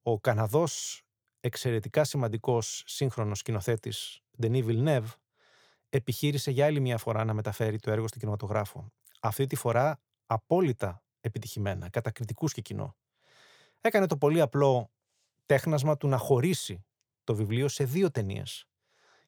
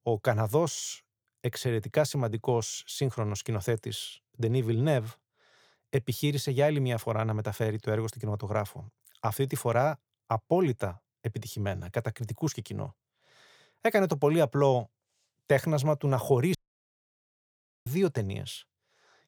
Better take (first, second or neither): first